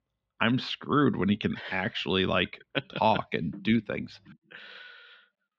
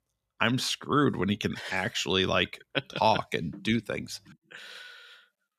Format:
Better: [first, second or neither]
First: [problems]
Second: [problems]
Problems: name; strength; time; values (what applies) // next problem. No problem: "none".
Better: second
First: muffled; slightly; fading above 3.5 kHz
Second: none